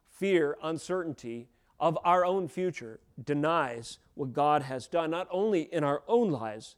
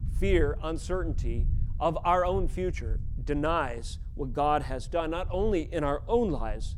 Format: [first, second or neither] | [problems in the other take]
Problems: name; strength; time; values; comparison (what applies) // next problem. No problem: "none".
first | low rumble; faint; throughout; 25 dB below the speech